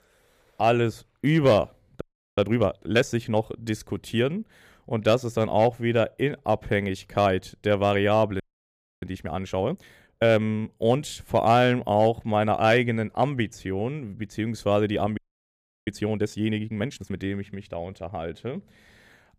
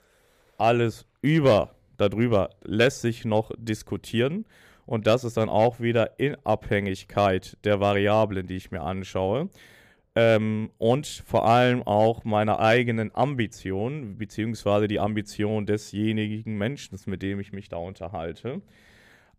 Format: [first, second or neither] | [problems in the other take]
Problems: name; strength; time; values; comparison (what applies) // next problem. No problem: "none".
second | audio freezing; at 2 s, at 8.5 s for 0.5 s and at 15 s for 0.5 s